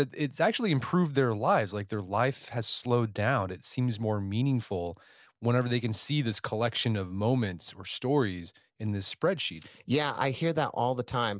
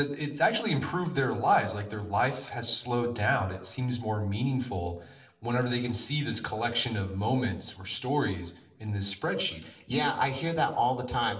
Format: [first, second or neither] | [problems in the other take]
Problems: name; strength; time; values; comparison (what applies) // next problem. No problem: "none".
first | room echo; dies away in 0.6 s